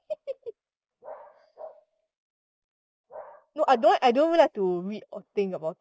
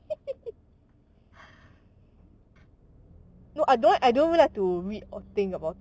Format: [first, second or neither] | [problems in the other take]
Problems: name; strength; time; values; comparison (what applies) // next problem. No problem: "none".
second | noise reduction (neural mask model Resemble Enhance denoiser)